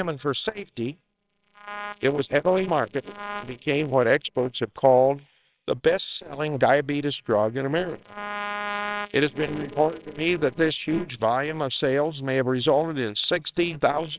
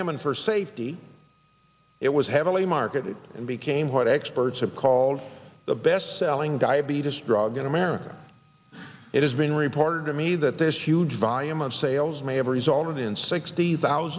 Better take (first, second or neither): second